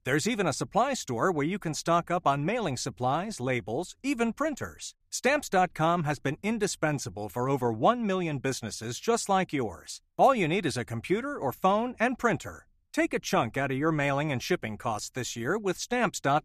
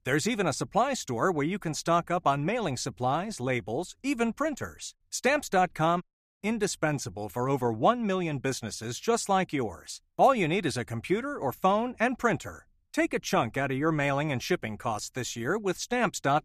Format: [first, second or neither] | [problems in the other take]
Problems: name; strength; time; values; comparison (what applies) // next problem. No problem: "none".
first | audio cutting out; at 6 s